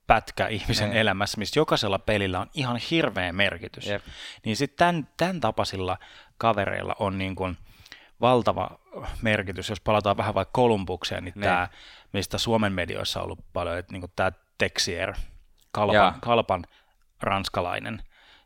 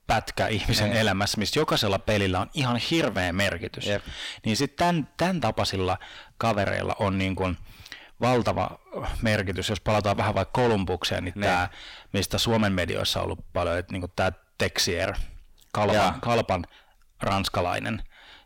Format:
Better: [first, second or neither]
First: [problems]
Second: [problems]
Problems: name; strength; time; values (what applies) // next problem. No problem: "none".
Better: first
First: none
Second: distortion; heavy; 7 dB below the speech